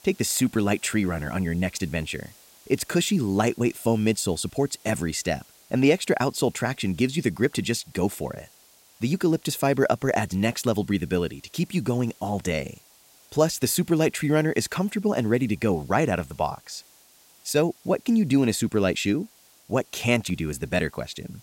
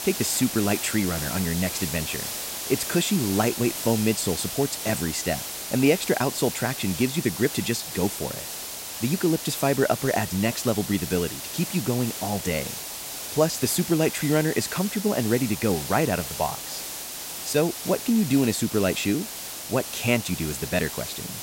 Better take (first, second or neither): first